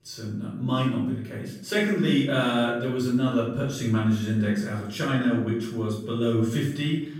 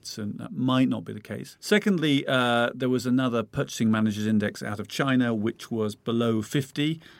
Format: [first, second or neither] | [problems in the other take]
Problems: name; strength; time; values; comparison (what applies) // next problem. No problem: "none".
second | off-mic speech; far // room echo; noticeable; dies away in 0.6 s